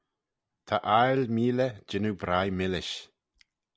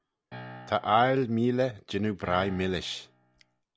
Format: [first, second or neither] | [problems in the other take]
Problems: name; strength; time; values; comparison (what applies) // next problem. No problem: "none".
first | background sound (Piano); 18 dB below the speech